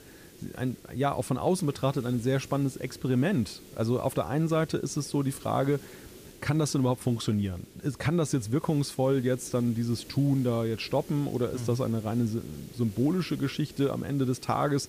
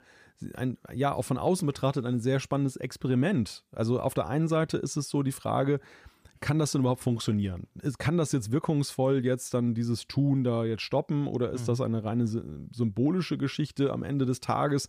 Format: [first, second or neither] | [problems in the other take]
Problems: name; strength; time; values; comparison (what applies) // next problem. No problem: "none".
second | hiss; noticeable; throughout; 20 dB below the speech